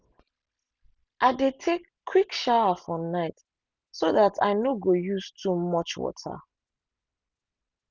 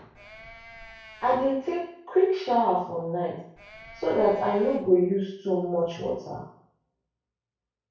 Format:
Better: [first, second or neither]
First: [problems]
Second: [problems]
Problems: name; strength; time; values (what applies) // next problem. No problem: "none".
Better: first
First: none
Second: background sound (Livestock, farm animals, working animals); 19 dB below the speech // room echo; dies away in 0.6 s